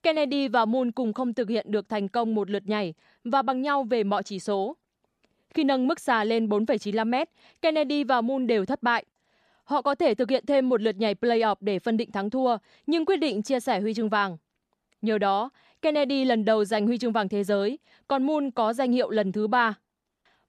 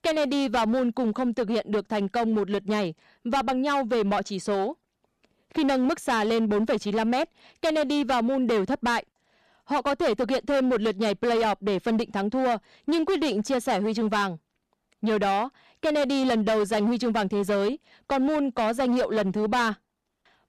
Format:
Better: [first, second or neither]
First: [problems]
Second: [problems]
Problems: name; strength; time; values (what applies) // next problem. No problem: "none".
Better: first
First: none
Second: distortion; slight; 16% of the sound clipped